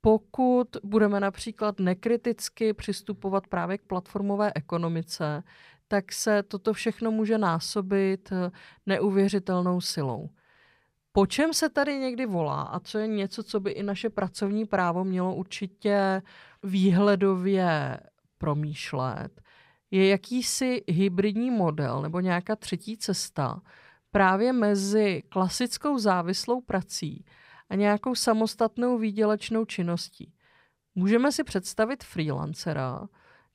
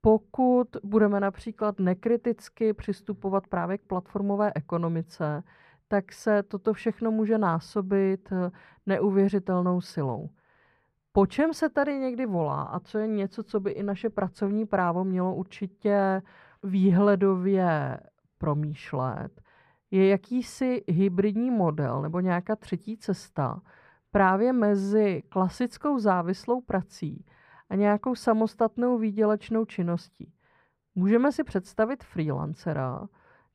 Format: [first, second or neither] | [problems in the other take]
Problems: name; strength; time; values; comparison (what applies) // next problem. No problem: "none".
first | muffled; slightly; fading above 2.5 kHz